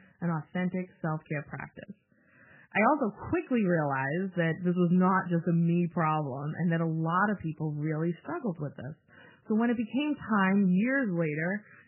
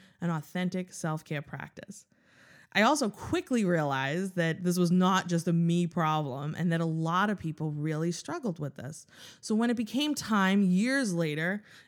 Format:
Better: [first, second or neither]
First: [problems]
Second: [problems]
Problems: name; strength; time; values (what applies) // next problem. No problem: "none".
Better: second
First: garbled, watery; badly; nothing above 3 kHz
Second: none